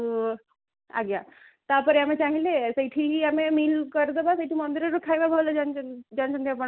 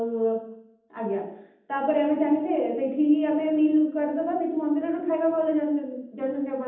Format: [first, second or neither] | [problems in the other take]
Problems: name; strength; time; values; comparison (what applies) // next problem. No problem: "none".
first | room echo; dies away in 0.8 s